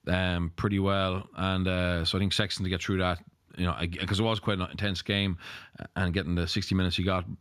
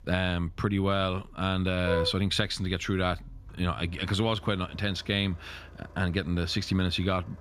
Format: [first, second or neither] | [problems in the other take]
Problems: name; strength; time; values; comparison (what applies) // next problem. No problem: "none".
first | traffic noise; noticeable; throughout; 15 dB below the speech